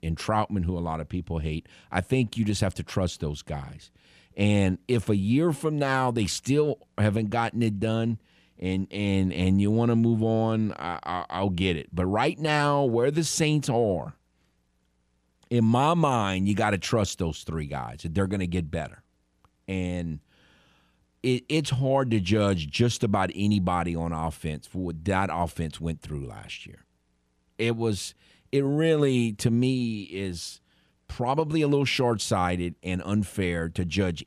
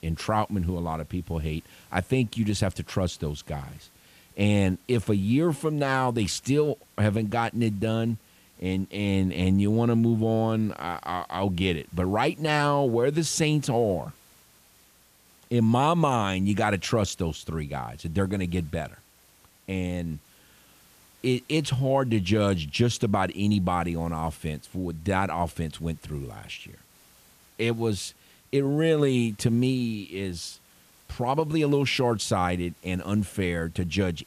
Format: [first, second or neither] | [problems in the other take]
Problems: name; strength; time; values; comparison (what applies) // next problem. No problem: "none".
first | hiss; faint; throughout; 30 dB below the speech